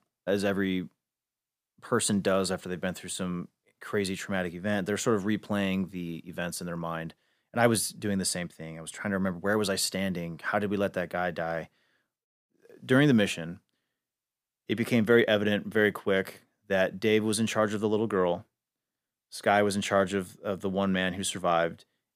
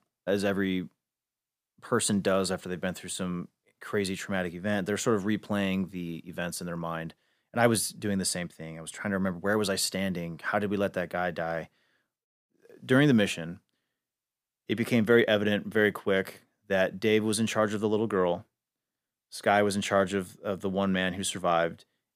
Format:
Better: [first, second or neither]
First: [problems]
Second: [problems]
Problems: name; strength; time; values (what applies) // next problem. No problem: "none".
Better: neither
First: none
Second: none